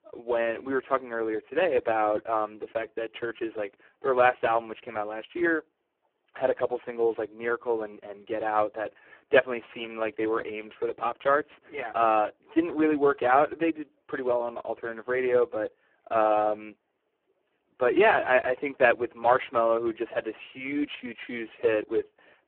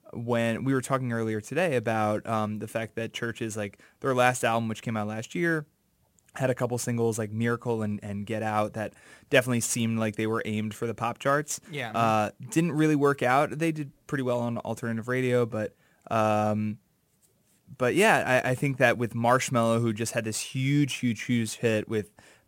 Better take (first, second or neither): second